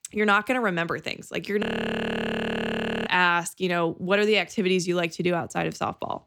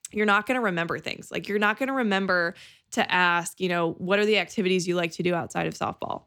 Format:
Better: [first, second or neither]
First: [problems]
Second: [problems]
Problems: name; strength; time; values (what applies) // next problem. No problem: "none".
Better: second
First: audio freezing; at 1.5 s for 1.5 s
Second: none